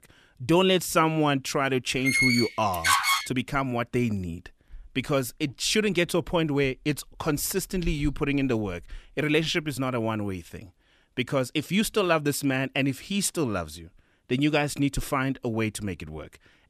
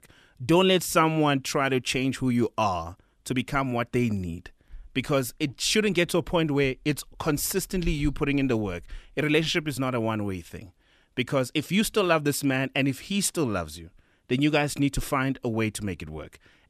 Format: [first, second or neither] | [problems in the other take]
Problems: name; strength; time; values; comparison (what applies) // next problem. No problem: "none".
second | door banging; loud; from 2 to 3.5 s; peak 5 dB above the speech